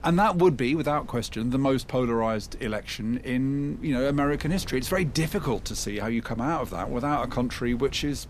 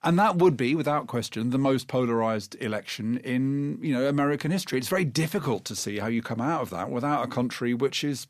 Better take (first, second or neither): second